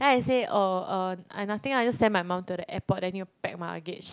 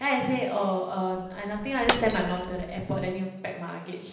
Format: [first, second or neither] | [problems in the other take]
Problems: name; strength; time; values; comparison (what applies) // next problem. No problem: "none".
first | background sound (Shatter); 5 dB below the speech // room echo; dies away in 0.9 s